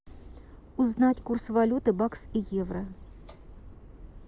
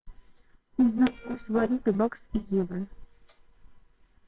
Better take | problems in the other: first | noise reduction (neural separator model SepFormer WHAMR!)

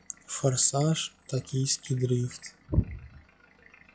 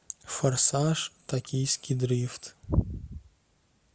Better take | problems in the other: second | noise reduction (classical method log-MMSE)

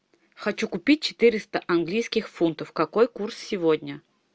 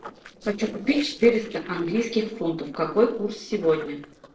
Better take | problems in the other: first | noise reduction (neural separator model SepFormer DNS4)

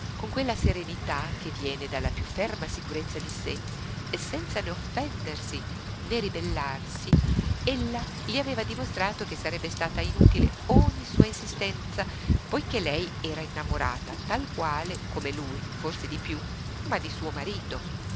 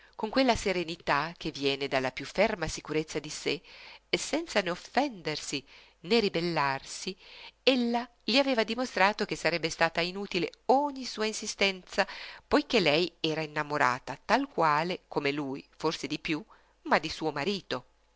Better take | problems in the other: second | background sound (Wind / Rain); 4 dB above the speech

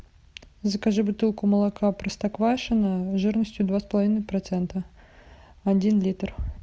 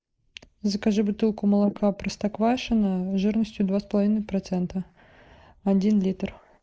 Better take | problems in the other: first | noise reduction (neural mask model Resemble Enhance denoiser)

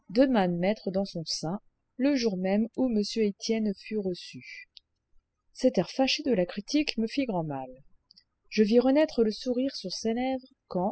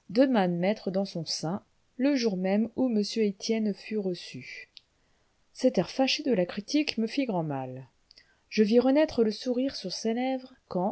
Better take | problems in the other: second | noise reduction (classical method spectral subtraction)

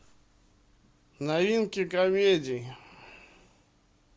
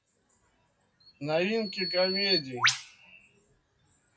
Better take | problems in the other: first | noise reduction (classical method WPE with log-MMSE)

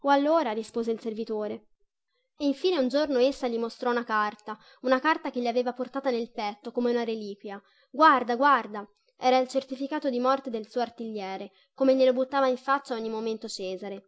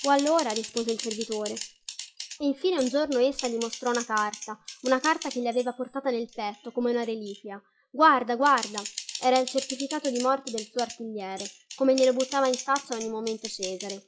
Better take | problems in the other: first | noise reduction (classical method log-MMSE)

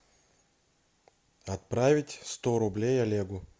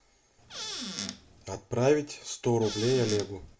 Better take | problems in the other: first | background sound (Squeak / Cupboard open or close); 9 dB below the speech // room echo; dies away in 0.2 s

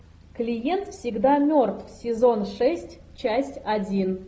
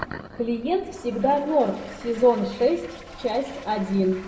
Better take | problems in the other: first | background sound (Toilet flush); 20 dB below the speech // room echo; dies away in 1.5 s

